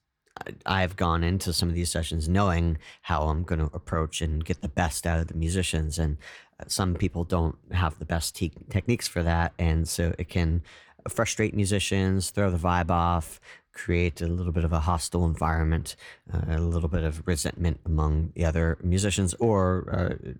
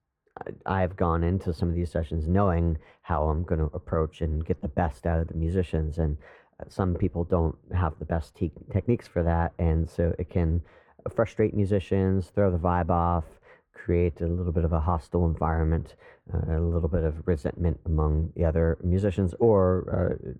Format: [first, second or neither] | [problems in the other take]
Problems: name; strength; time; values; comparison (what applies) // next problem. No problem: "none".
first | muffled; very; fading above 2.5 kHz